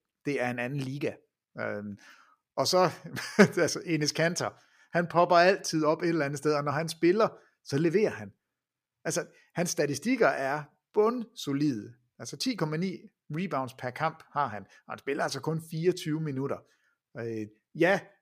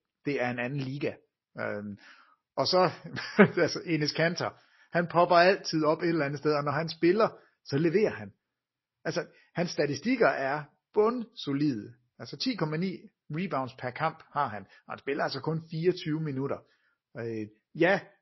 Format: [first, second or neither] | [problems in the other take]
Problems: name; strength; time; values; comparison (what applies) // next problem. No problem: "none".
first | garbled, watery; slightly; nothing above 5.5 kHz